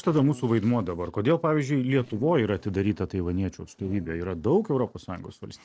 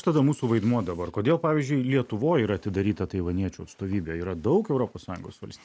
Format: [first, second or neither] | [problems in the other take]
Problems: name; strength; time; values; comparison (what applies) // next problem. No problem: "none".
second | noise reduction (neural separator model SepFormer DNS4)